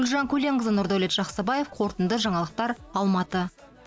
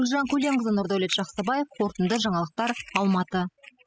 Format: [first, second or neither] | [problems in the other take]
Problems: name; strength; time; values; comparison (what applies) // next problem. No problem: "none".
first | noise reduction (classical method spectral subtraction)